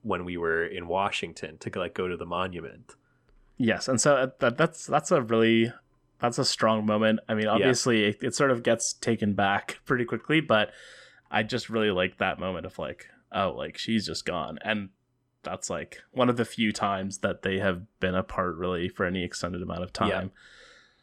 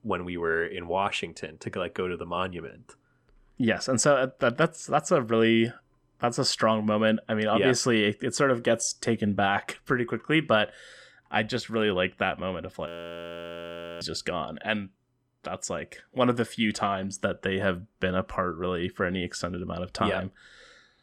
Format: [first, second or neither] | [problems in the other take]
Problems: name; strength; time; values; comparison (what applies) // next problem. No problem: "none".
first | audio freezing; at 13 s for 1 s